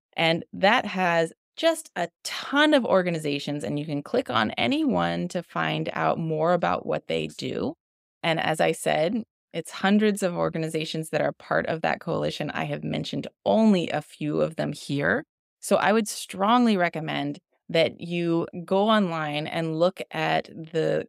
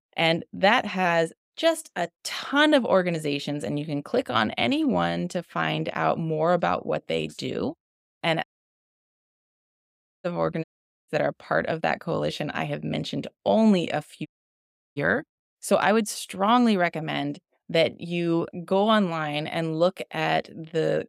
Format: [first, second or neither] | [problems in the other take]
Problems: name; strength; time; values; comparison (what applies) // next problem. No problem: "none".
first | audio cutting out; at 8.5 s for 2 s, at 11 s and at 14 s for 0.5 s